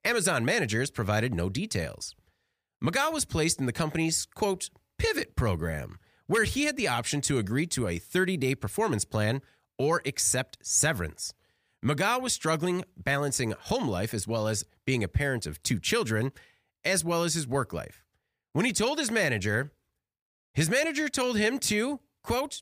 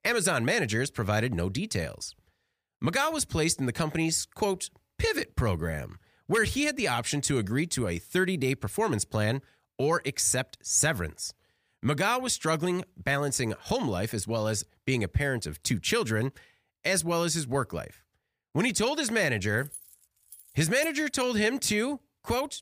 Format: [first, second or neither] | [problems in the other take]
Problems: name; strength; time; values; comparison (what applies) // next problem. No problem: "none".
first | jangling keys; faint; from 20 to 21 s; peak 15 dB below the speech